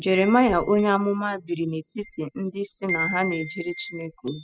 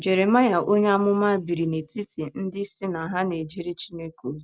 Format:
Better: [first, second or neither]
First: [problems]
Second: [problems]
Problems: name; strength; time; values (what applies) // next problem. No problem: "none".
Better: second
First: noise reduction (classical method spectral subtraction)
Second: none